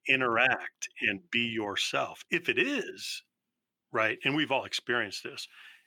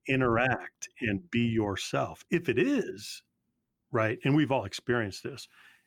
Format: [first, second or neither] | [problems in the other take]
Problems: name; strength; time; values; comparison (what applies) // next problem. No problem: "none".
second | thin; somewhat; fading below 550 Hz